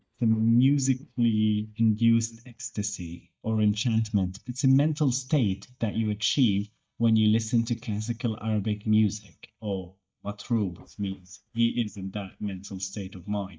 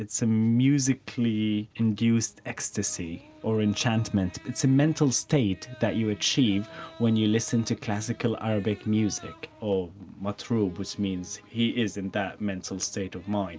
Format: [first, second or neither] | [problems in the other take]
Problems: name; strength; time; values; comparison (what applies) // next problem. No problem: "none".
second | noise reduction (neural mask model DeepFilterNet 3)